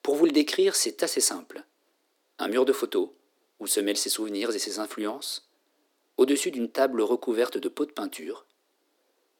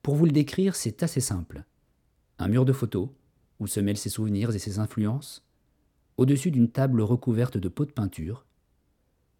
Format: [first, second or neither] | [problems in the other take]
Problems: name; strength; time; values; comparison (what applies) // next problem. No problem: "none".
second | thin; very; fading below 300 Hz